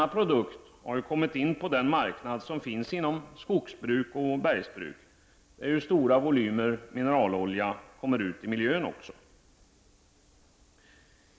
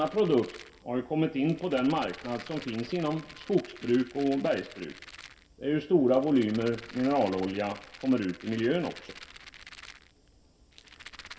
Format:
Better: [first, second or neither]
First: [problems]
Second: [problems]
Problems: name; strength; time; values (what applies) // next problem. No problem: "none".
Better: first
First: none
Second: background sound (Rattle); 19 dB below the speech // room echo; dies away in 0.2 s